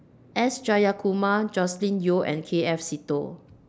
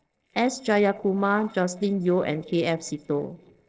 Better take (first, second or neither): first